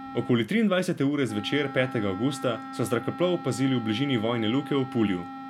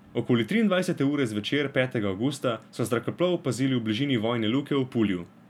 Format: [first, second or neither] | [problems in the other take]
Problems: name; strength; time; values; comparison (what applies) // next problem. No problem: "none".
second | background sound (Wind instrument, woodwind instrument); 13 dB below the speech